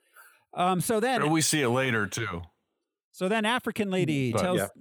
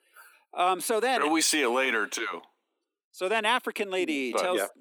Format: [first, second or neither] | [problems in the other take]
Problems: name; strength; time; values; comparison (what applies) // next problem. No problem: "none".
first | thin; somewhat; fading below 250 Hz